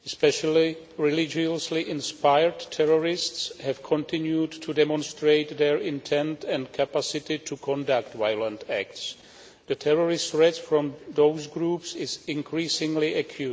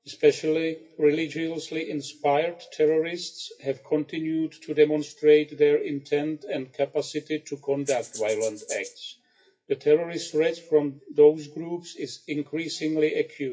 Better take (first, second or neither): first